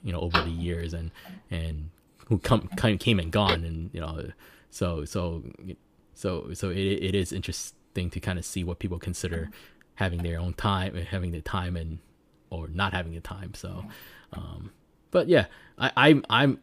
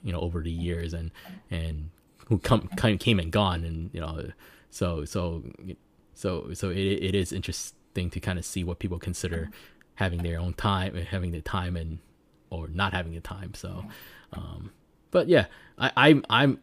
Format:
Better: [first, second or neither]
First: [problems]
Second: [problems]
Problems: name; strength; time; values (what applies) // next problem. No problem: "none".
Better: second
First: phone ringing; loud; until 3.5 s; peak level with the speech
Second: none